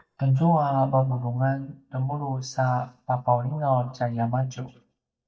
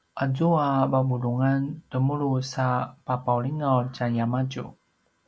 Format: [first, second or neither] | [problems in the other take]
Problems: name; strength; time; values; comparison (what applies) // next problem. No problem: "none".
second | noise reduction (neural mask model DeepFilterNet 3)